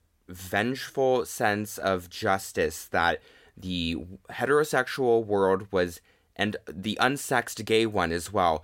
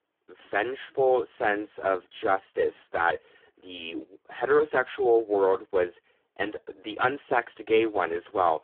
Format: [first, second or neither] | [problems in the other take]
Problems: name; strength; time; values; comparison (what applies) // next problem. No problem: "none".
first | phone-call audio; poor line